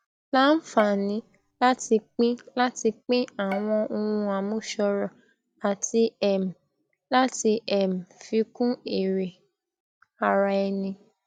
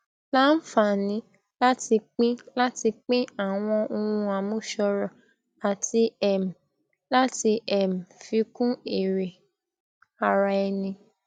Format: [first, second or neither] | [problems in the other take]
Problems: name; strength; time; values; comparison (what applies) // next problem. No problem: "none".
second | background sound (Bowed string instrument); 18 dB below the speech